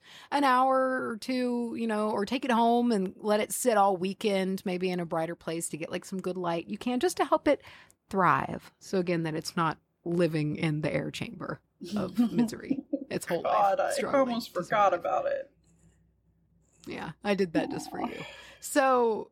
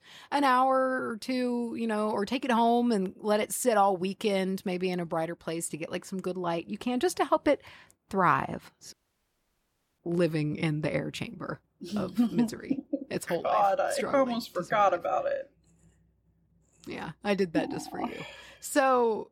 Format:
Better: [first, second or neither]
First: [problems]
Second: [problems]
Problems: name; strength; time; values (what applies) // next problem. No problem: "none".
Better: first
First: none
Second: audio cutting out; at 9 s for 1 s